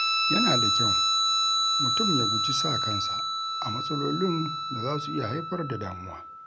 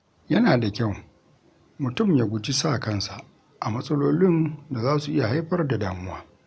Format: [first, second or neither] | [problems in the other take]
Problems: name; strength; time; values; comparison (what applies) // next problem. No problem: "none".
second | background sound (Guitar); 5 dB above the speech